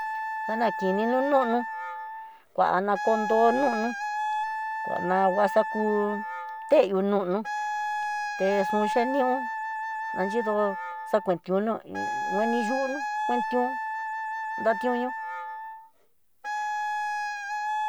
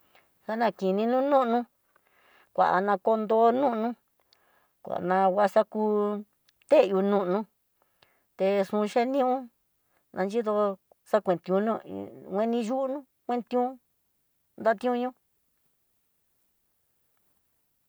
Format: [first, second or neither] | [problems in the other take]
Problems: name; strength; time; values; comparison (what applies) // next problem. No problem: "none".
second | background sound (Wind instrument, woodwind instrument); 4 dB below the speech